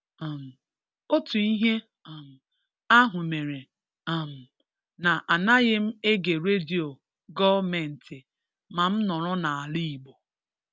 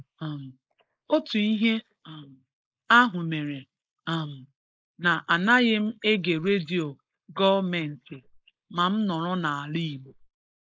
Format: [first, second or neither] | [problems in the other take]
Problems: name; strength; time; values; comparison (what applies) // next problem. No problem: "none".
first | noise reduction (neural mask model Resemble Enhance denoiser)